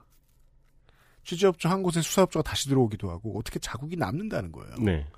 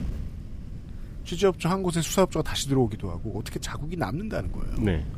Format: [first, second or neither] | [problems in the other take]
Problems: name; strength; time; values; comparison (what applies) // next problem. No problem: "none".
first | wind noise on the microphone; occasional gusts; 20 dB below the speech